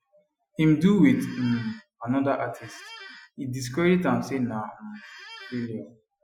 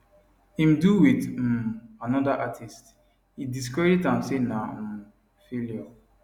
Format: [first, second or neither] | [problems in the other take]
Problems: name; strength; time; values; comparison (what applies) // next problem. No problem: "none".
second | noise reduction (classical method Wiener filter)